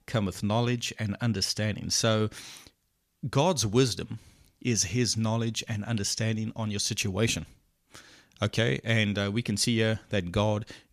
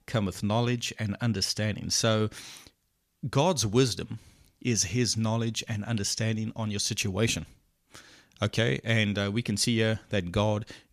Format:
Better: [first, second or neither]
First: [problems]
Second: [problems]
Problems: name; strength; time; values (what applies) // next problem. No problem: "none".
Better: neither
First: none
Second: none